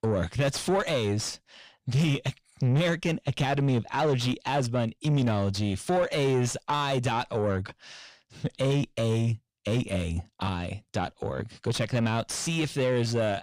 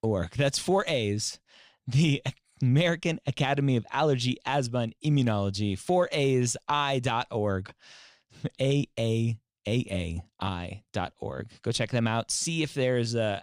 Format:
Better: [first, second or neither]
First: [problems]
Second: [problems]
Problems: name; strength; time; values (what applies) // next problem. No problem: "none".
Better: second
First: distortion; slight; 10 dB below the speech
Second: none